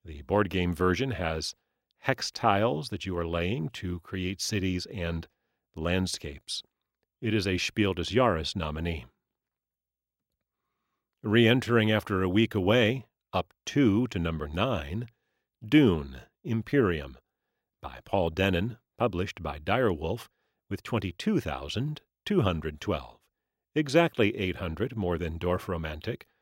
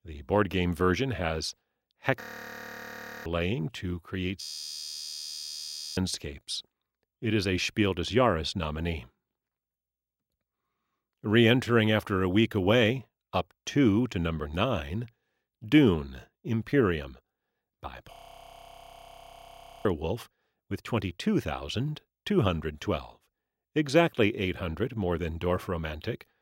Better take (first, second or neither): first